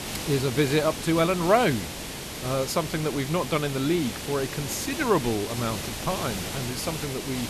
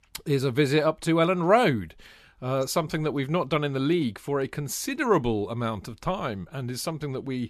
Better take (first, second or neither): second